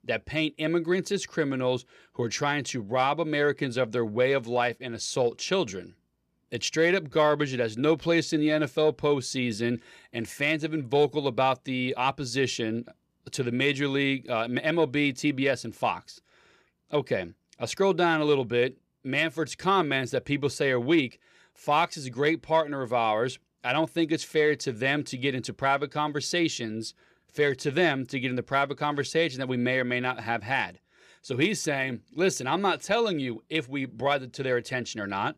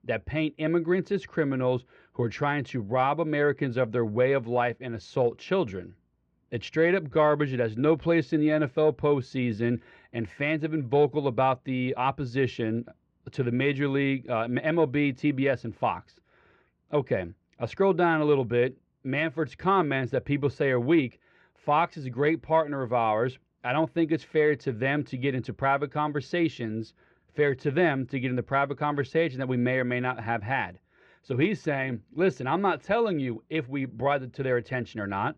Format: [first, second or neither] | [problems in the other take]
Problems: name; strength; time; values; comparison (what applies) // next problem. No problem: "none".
first | muffled; very; fading above 2 kHz